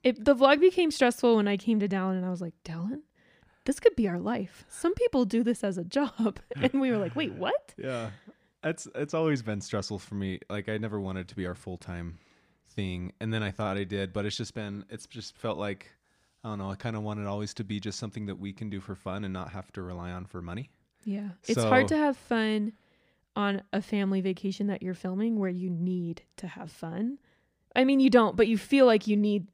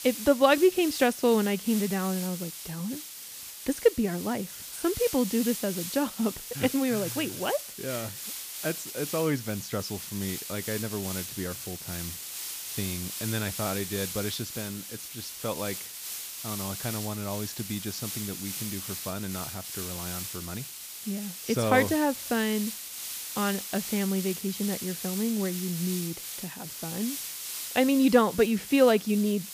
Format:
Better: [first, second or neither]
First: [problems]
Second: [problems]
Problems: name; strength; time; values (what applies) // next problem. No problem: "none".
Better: first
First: none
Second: hiss; loud; throughout; 7 dB below the speech